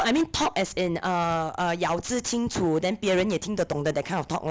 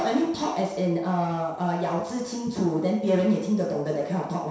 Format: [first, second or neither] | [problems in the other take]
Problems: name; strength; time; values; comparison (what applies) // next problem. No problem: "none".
first | room echo; dies away in 0.7 s